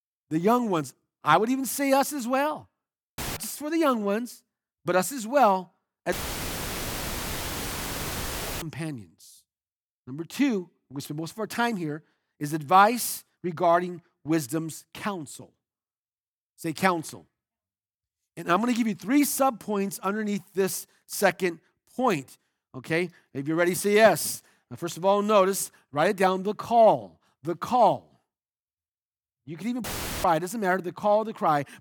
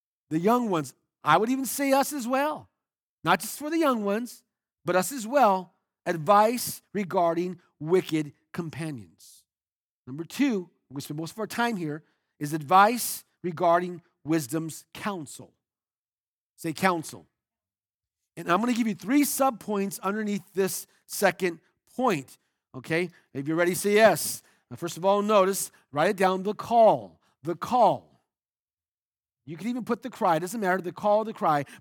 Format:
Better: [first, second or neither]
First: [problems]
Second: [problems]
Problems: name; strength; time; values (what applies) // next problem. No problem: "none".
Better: second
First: audio cutting out; filled with static; at 3 s, at 6 s for 2.5 s and at 30 s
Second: none